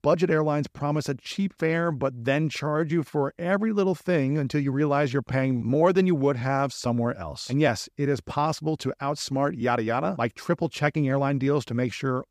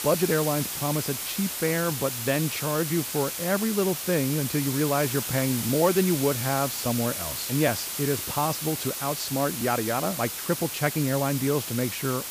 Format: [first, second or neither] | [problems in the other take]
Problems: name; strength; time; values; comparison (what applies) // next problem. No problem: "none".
first | hiss; loud; throughout; 3 dB below the speech